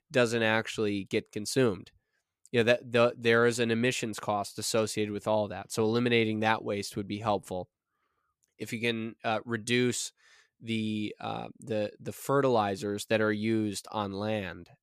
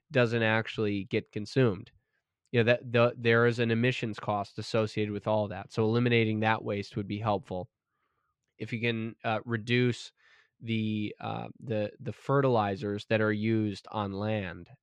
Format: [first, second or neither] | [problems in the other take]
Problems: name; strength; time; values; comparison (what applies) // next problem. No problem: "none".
first | muffled; slightly; fading above 3 kHz